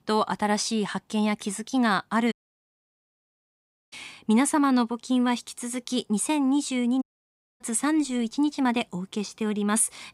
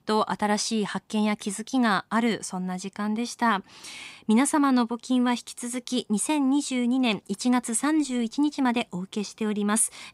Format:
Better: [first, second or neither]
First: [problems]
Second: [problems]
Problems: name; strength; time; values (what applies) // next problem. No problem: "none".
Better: second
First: audio cutting out; at 2.5 s for 1.5 s and at 7 s for 0.5 s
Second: none